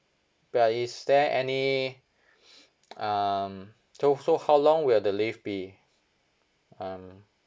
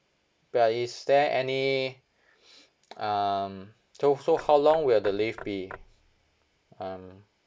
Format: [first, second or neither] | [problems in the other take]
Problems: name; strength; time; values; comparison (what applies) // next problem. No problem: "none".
first | background sound (Knock / Wood); 18 dB below the speech